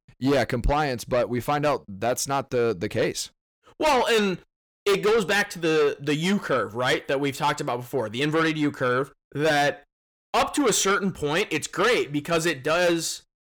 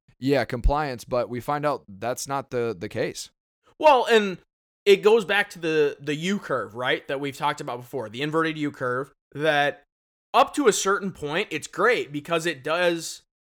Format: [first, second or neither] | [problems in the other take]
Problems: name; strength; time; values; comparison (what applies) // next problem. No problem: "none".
second | distortion; heavy; 6 dB below the speech